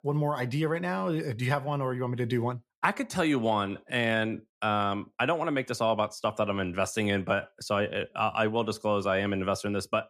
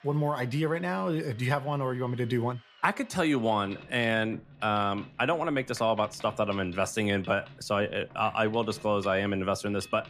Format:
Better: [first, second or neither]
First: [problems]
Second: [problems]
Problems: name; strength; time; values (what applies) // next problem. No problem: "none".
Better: first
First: none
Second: machinery noise; faint; throughout; 20 dB below the speech